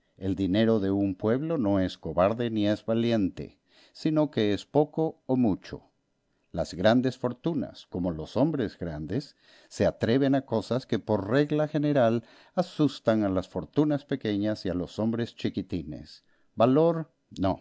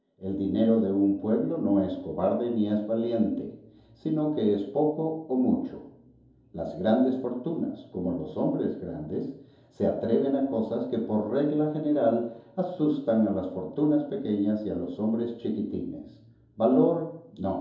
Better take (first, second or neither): first